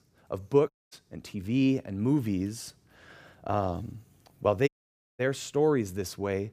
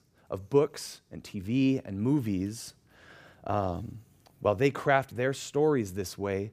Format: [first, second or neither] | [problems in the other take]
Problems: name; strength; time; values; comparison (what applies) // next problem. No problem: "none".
second | audio cutting out; at 0.5 s and at 4.5 s for 0.5 s